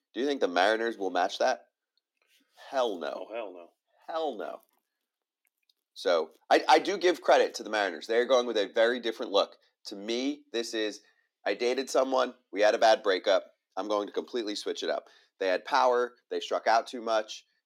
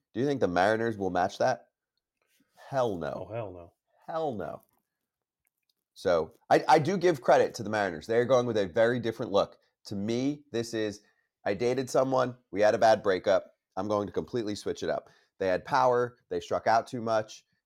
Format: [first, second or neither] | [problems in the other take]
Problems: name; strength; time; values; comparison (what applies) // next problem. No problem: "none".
second | thin; very slightly; fading below 250 Hz